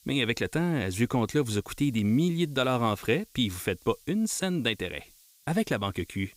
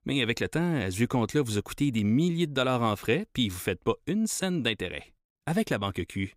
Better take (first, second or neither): second